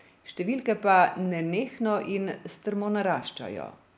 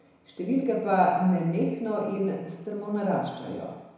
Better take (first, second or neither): first